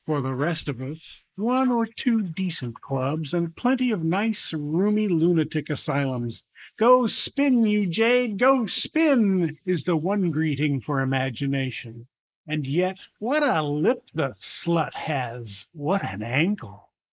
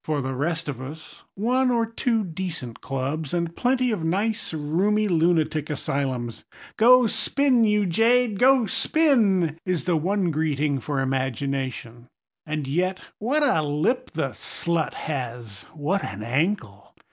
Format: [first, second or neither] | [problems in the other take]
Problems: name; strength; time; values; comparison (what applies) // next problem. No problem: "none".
second | noise reduction (neural mask model Resemble Enhance denoiser)